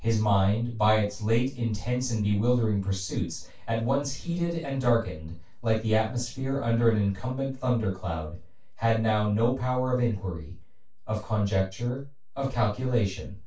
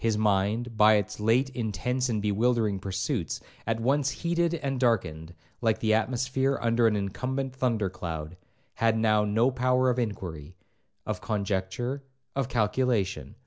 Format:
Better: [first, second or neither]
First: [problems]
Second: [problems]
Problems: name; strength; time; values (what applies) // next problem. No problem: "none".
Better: second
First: room echo; dies away in 0.2 s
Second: none